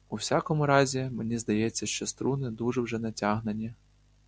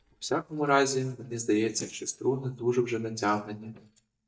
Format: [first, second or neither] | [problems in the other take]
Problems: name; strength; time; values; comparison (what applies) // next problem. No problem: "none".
first | noise reduction (neural mask model DeepFilterNet 3)